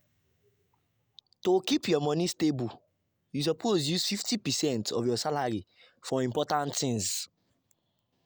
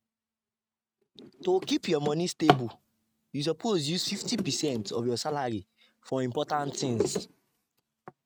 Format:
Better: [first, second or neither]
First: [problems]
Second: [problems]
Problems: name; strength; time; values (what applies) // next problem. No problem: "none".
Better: first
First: none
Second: noise reduction (neural mask model RNNoise)